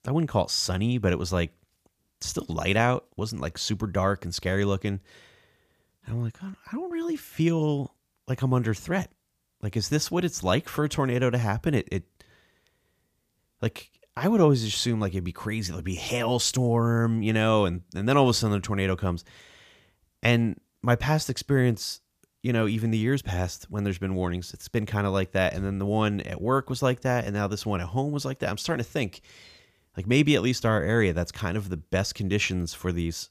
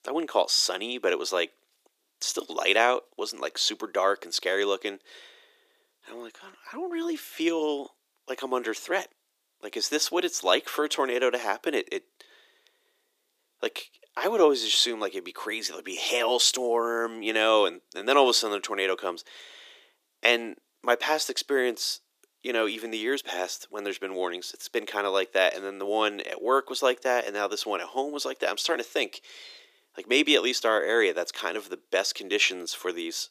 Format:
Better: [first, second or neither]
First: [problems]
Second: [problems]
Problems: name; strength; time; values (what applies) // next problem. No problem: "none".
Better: first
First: none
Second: thin; very; fading below 350 Hz